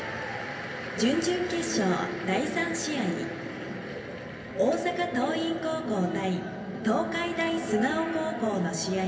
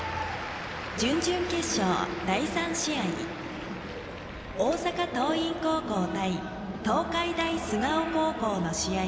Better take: second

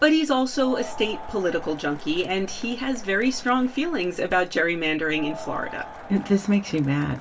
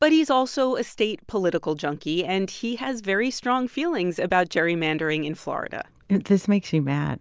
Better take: second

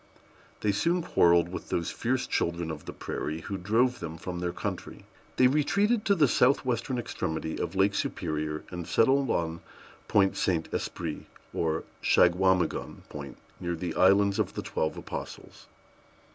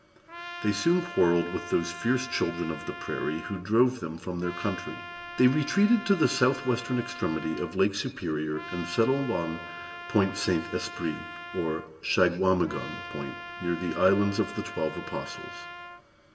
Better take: first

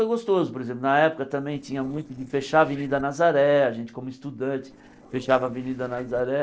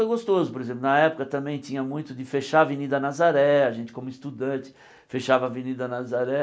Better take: second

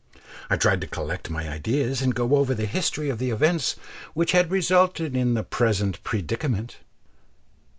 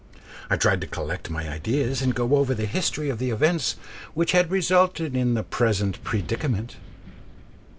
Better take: first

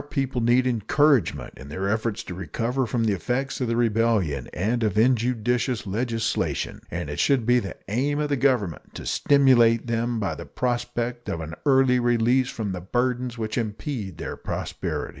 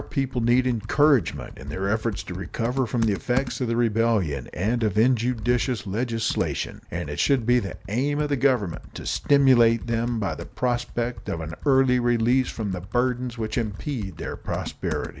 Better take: first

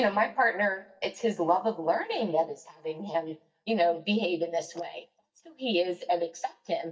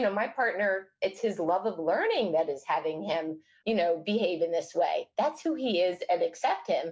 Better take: second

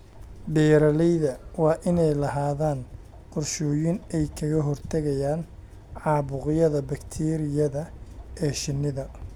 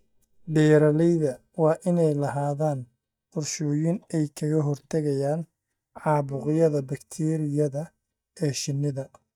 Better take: first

